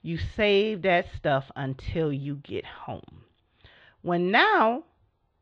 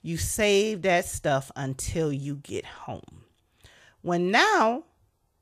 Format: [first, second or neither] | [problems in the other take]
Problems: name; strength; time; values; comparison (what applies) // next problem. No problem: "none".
second | muffled; slightly; fading above 4 kHz